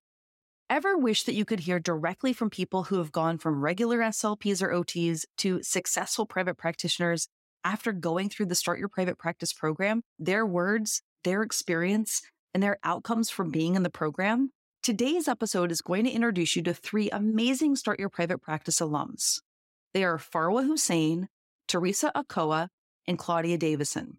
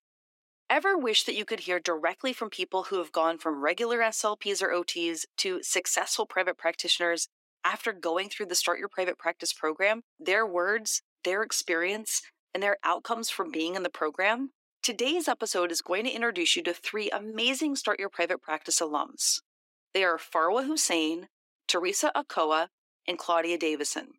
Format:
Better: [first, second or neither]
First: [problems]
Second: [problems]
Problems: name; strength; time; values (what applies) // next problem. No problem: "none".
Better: first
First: none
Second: thin; somewhat; fading below 300 Hz